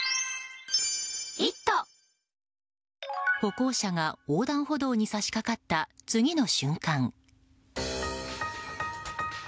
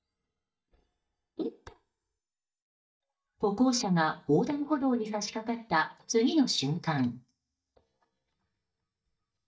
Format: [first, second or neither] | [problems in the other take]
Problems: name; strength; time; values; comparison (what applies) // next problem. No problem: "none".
first | noise reduction (neural mask model DeepFilterNet 3)